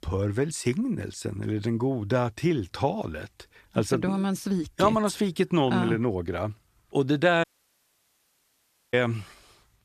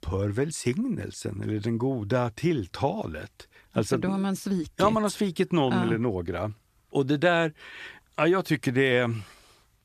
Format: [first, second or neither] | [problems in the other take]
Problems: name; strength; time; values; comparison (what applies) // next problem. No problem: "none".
second | audio cutting out; at 7.5 s for 1.5 s